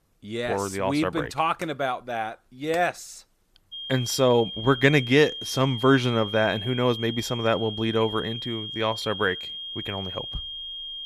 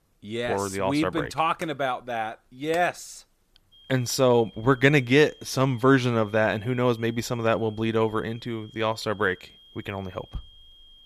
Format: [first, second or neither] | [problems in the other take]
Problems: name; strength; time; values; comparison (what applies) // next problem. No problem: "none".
second | high-pitched whine; loud; from 3.5 s on; 3 kHz, 8 dB below the speech; faint in the second